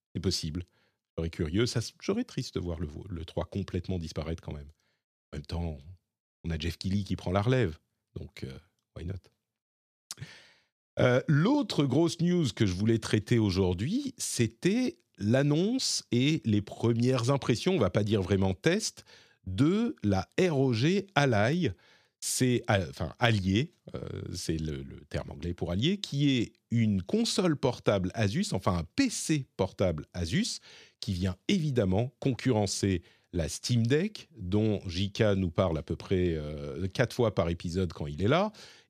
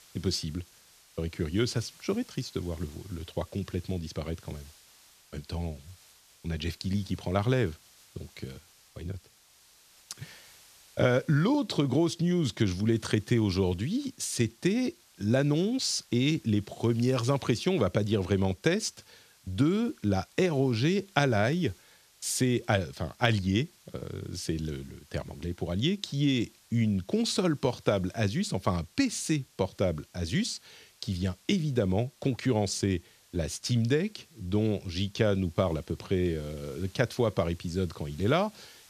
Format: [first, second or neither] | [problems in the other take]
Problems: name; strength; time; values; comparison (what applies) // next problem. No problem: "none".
first | hiss; faint; throughout; 25 dB below the speech